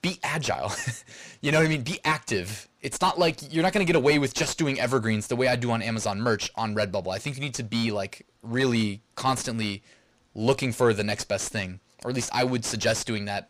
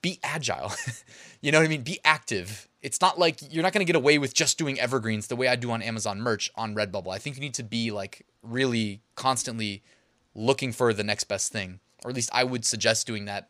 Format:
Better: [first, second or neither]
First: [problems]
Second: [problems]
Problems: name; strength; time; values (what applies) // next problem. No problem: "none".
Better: second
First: distortion; heavy; 7 dB below the speech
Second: none